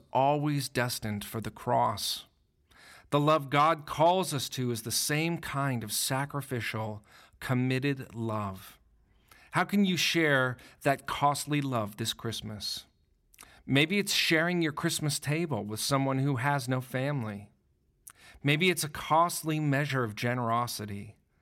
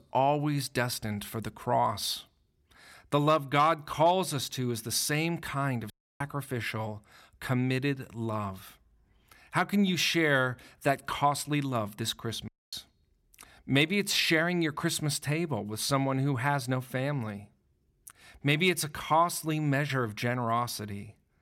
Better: first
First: none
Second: audio cutting out; at 6 s and at 12 s

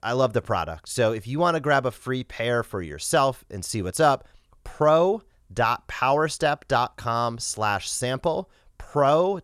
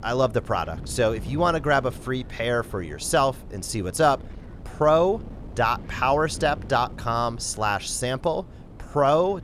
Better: first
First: none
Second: wind noise on the microphone; occasional gusts; 25 dB below the speech

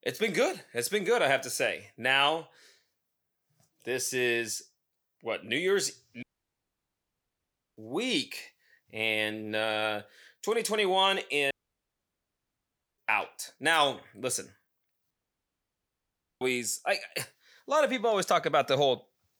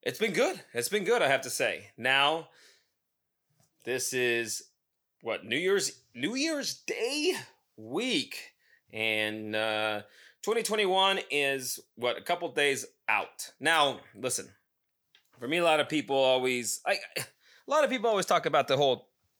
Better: second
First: audio cutting out; at 6 s for 1.5 s, at 12 s for 1.5 s and at 15 s for 1.5 s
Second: none

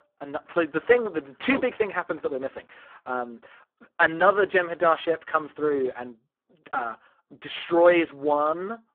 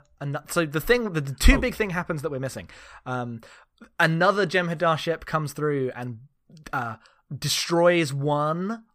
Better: second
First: phone-call audio; poor line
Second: none

